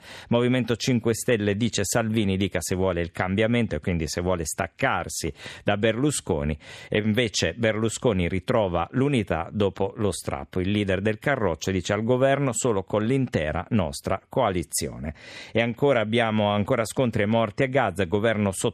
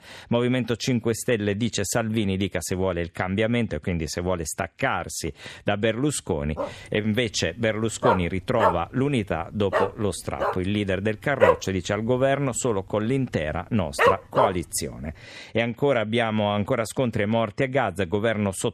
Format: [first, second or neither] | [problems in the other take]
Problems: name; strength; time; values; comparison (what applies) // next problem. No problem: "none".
first | dog barking; loud; from 6.5 to 14 s; peak 5 dB above the speech